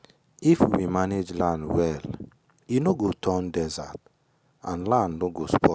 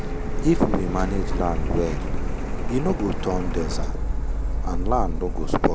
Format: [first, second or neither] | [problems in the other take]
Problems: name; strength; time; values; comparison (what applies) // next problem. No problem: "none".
first | background sound (Printer); 3 dB above the speech